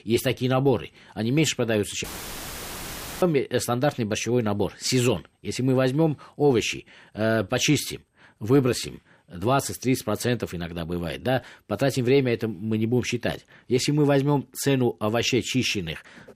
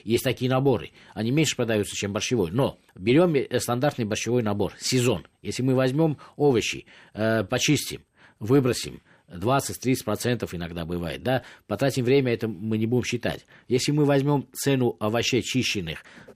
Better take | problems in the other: second | audio cutting out; filled with static; at 2 s for 1 s

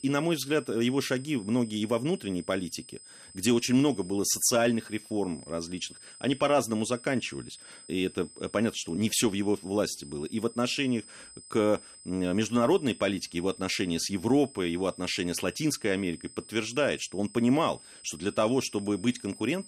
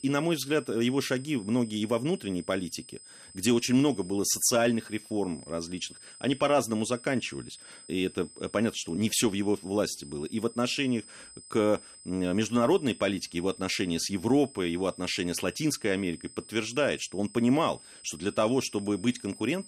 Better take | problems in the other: neither | high-pitched whine; noticeable; throughout; 8 kHz, 20 dB below the speech; the same in both

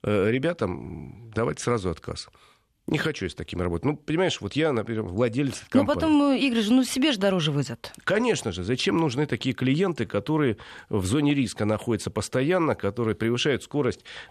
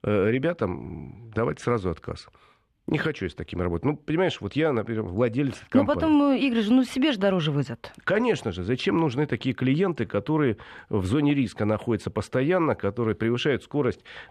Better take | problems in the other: first | muffled; slightly; fading above 4 kHz

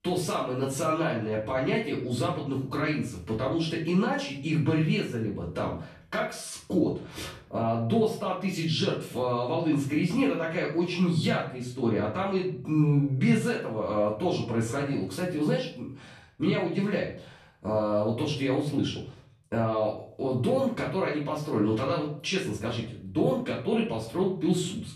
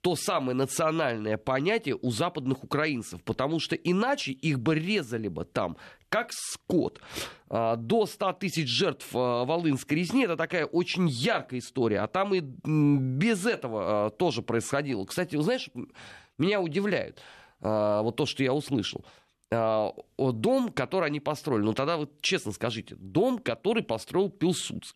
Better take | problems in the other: second | off-mic speech; far // room echo; noticeable; dies away in 0.5 s

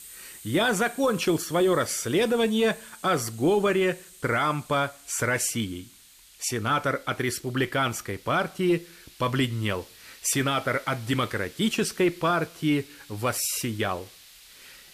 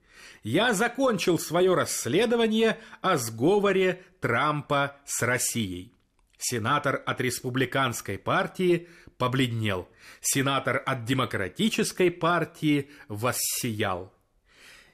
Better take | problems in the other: second | hiss; faint; throughout; 20 dB below the speech

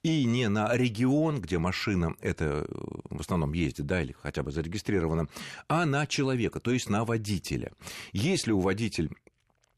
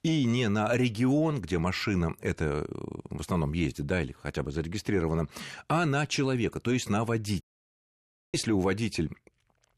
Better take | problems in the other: first | audio cutting out; at 7.5 s for 1 s

